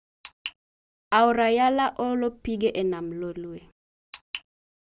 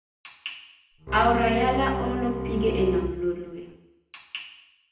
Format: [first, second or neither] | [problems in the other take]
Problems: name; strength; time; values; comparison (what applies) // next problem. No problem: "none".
first | background sound (Bowed string instrument); 3 dB below the speech // room echo; dies away in 0.9 s